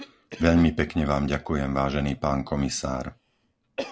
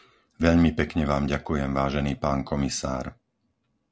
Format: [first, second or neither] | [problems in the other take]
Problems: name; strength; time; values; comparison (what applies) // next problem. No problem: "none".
second | background sound (Cough); 18 dB below the speech